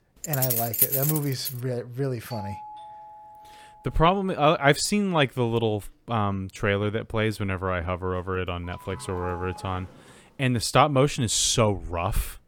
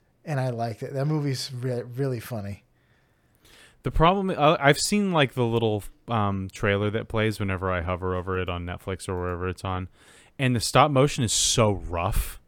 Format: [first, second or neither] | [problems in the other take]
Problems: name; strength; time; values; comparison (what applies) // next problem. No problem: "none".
second | jangling keys; loud; until 1.5 s; peak 5 dB above the speech // doorbell; faint; from 2.5 to 4 s and from 8.5 to 10 s; peak 15 dB below the speech